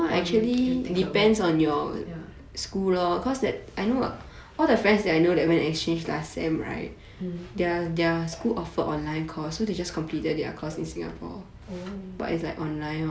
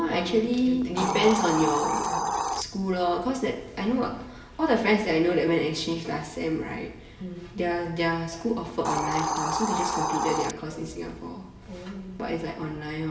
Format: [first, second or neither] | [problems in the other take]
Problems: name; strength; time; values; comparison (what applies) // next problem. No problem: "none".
first | background sound (Hiss); 6 dB below the speech // room echo; dies away in 1 s